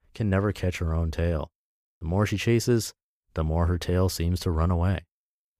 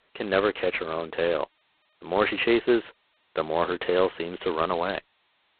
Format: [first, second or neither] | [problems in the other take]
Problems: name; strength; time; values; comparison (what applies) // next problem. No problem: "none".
first | phone-call audio; poor line; nothing above 4 kHz